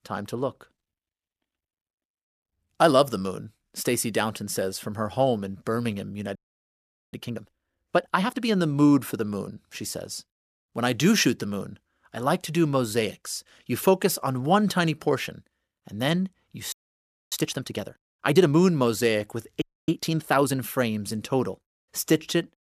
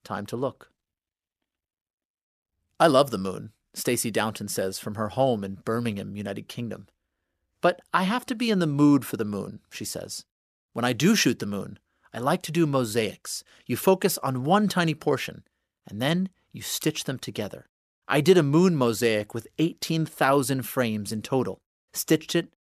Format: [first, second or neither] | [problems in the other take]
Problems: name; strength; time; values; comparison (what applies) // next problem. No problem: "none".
second | audio freezing; at 6.5 s for 1 s, at 17 s for 0.5 s and at 20 s